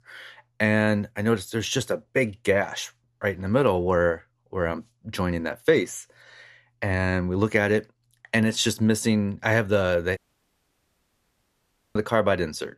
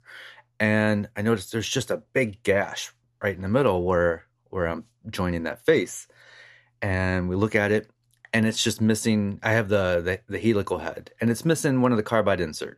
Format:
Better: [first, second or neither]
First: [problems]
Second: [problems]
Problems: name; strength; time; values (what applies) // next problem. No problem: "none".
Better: second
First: audio cutting out; at 10 s for 2 s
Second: none